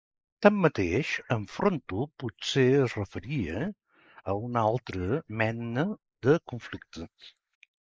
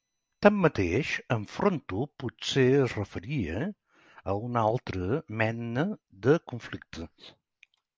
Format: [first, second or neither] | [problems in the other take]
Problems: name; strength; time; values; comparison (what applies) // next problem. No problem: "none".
second | noise reduction (neural mask model Resemble Enhance denoiser)